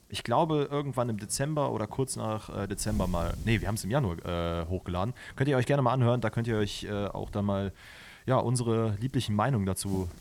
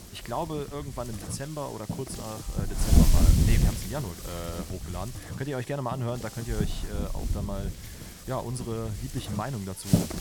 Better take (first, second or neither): first